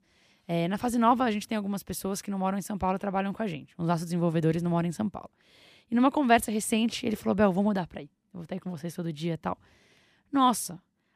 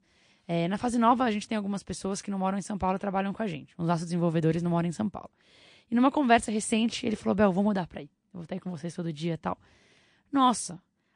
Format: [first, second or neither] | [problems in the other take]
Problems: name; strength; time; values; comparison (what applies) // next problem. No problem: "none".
first | garbled, watery; slightly; nothing above 9 kHz